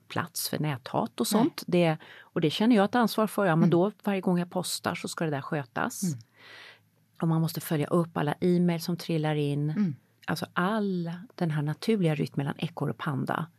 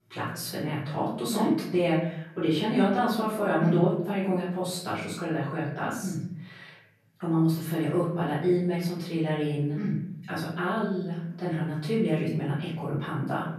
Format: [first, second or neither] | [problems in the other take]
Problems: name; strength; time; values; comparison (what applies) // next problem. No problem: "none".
first | off-mic speech; far // room echo; noticeable; dies away in 0.7 s